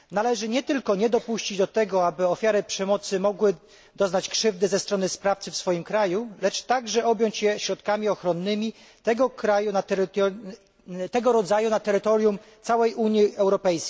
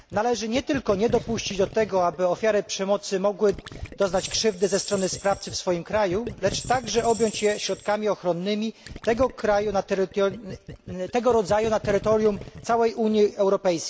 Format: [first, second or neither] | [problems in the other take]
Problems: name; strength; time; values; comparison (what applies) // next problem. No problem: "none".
first | background sound (Gurgling + Tambourine); 15 dB below the speech